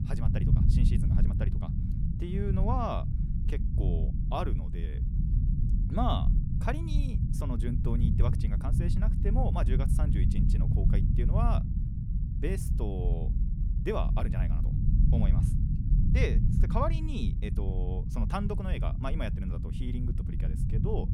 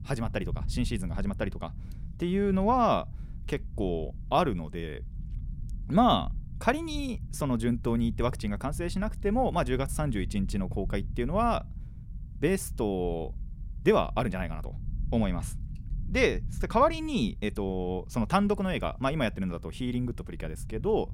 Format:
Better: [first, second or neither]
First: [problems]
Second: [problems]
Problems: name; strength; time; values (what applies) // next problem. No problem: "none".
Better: second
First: low rumble; loud; throughout; 5 dB below the speech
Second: low rumble; faint; throughout; 25 dB below the speech